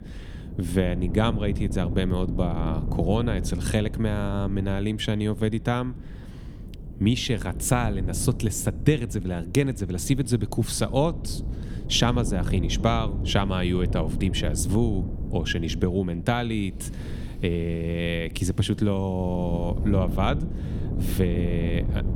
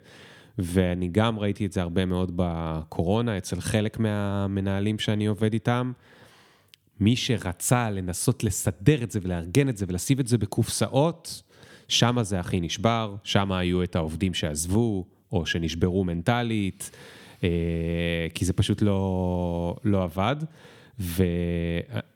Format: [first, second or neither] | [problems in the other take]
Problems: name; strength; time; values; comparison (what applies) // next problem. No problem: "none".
second | wind noise on the microphone; occasional gusts; 15 dB below the speech